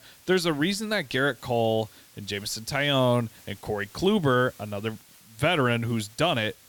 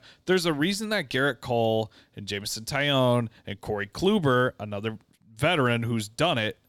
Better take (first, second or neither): second